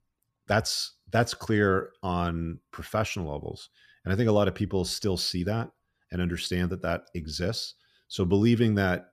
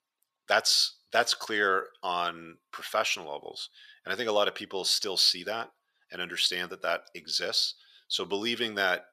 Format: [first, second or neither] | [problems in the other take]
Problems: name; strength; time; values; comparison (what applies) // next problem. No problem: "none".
first | thin; very; fading below 650 Hz